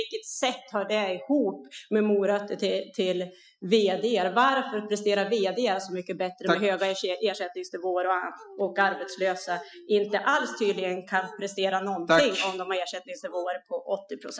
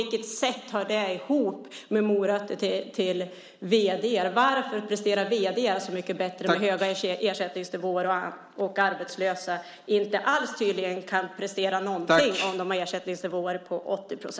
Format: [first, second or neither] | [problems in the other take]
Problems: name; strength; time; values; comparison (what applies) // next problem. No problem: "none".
second | noise reduction (classical method Wiener filter)